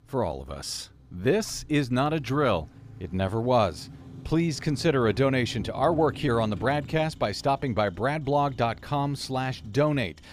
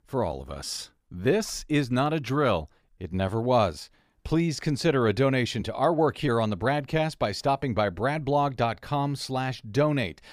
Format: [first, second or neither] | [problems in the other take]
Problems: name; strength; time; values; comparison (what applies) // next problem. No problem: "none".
second | traffic noise; noticeable; throughout; 20 dB below the speech